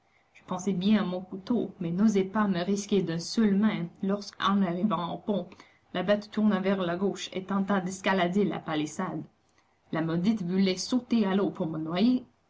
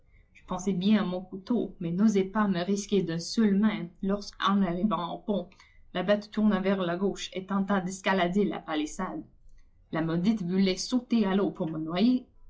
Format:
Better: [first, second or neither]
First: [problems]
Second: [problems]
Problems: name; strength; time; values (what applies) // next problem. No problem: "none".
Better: first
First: none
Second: noise reduction (classical method log-MMSE)